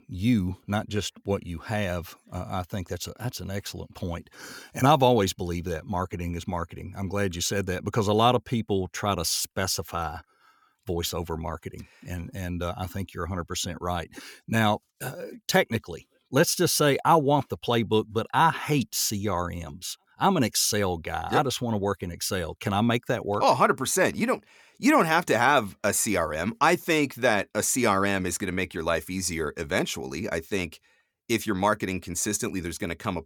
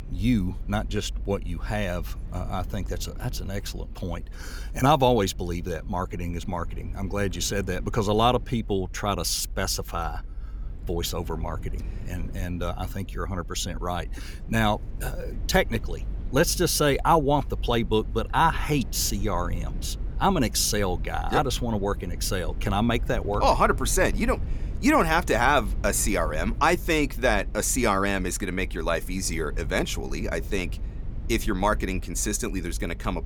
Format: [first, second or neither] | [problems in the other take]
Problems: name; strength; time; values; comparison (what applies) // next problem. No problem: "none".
first | low rumble; faint; throughout; 25 dB below the speech